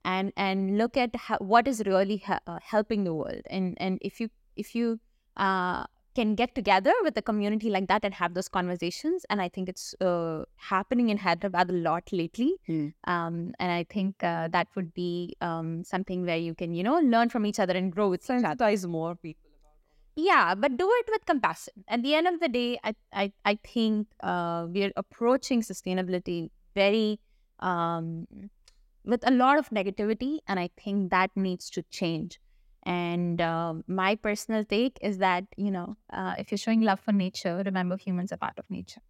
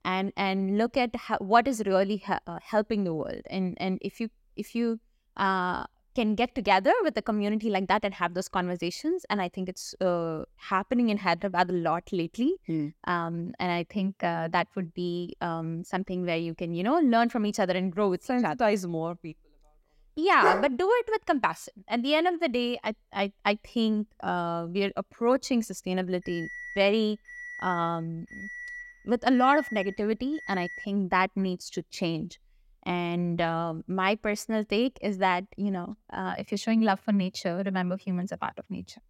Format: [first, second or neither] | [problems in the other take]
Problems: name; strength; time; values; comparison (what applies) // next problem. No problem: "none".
first | dog barking; loud; at 20 s; peak 2 dB above the speech // alarm; noticeable; from 26 to 31 s; peak 9 dB below the speech